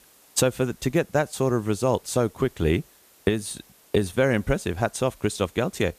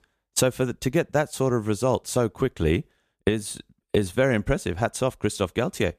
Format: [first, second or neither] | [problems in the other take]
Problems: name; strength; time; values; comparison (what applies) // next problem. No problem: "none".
second | hiss; faint; throughout; 30 dB below the speech